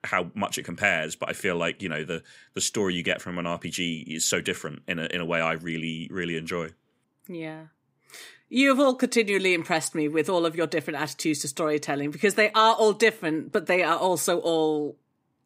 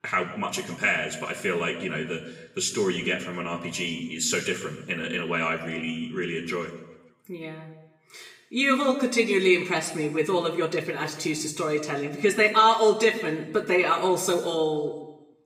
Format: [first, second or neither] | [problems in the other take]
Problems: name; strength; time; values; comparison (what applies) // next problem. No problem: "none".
first | room echo; slight; dies away in 0.9 s // off-mic speech; somewhat distant